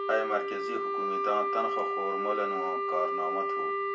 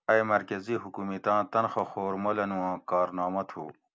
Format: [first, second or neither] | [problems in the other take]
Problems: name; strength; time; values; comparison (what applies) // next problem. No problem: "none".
second | background sound (Wind instrument, woodwind instrument); 3 dB above the speech // room echo; dies away in 0.2 s